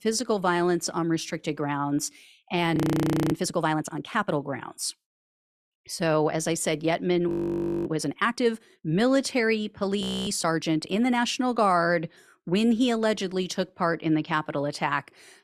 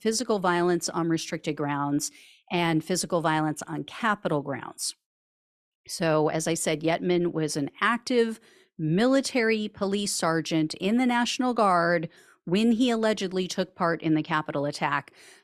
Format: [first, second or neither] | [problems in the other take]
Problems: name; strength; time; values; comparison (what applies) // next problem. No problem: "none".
second | audio freezing; at 3 s for 0.5 s, at 7.5 s for 0.5 s and at 10 s